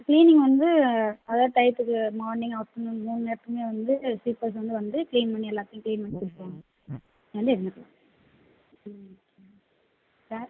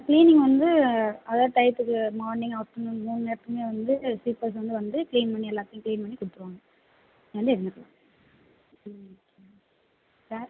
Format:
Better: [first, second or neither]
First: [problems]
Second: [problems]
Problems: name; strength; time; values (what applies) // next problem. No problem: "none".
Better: second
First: noise reduction (neural mask model Resemble Enhance denoiser)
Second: none